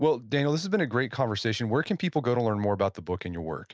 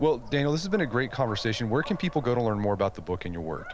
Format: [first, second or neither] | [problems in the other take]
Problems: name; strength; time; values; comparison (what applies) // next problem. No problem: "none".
first | background sound (Dog); 15 dB below the speech